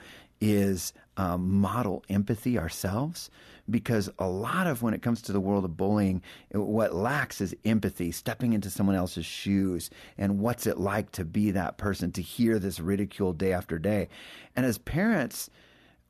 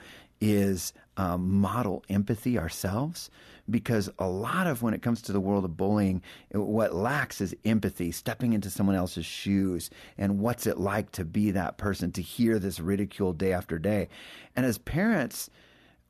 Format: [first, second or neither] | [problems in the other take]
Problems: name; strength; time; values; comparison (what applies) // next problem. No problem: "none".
neither | none